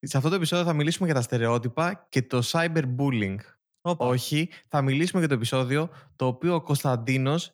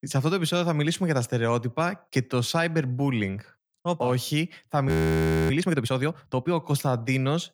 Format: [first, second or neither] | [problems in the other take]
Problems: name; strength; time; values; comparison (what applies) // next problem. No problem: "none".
first | audio freezing; at 5 s for 0.5 s